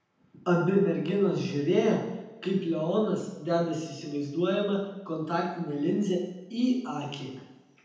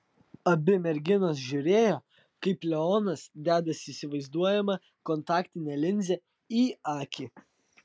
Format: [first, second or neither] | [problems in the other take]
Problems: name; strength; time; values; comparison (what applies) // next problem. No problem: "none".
second | room echo; dies away in 0.9 s